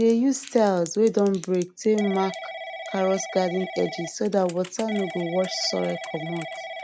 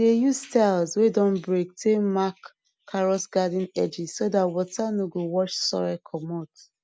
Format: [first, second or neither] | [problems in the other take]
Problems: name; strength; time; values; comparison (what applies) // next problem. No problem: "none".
second | background sound (Telephone / Typing); 12 dB below the speech